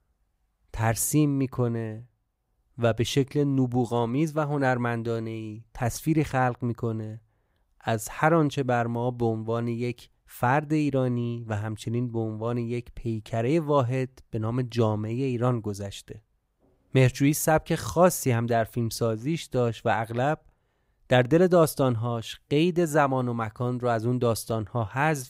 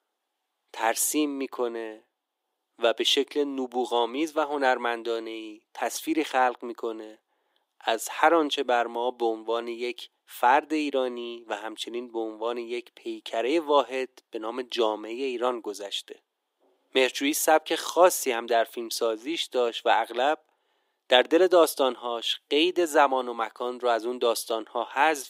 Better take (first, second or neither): first